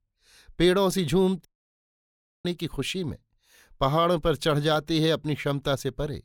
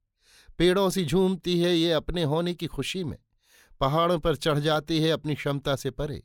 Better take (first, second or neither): second